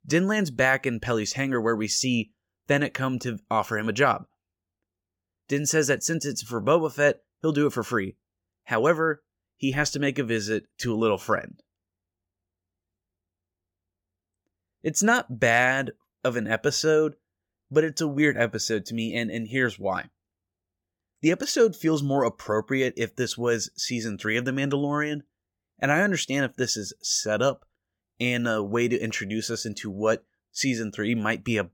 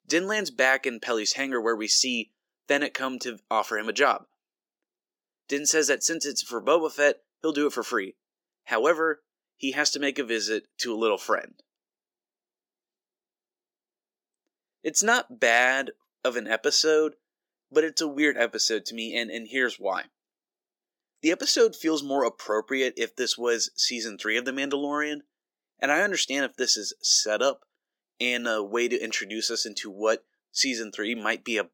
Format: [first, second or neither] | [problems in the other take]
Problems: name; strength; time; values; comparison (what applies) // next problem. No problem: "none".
first | thin; very slightly; fading below 300 Hz